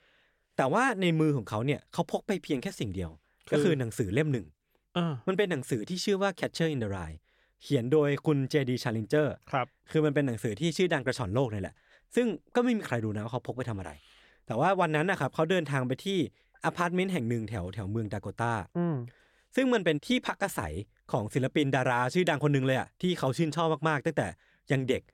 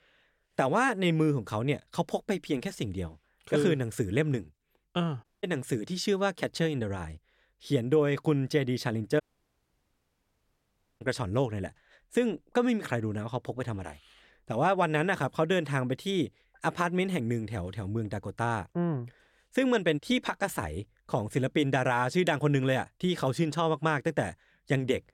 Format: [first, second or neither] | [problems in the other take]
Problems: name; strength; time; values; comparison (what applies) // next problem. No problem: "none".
first | audio cutting out; at 5 s and at 9 s for 2 s